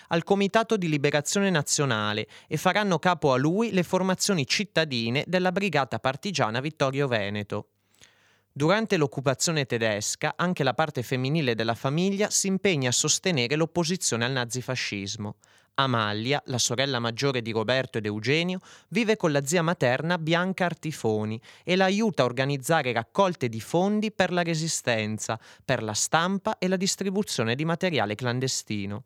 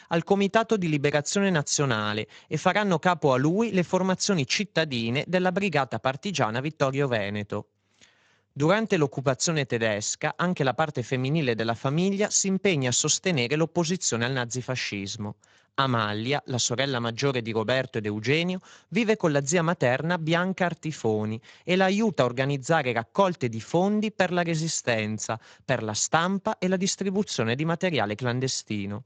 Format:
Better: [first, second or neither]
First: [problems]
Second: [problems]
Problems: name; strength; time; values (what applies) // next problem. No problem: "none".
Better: first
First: none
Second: garbled, watery; slightly; nothing above 7.5 kHz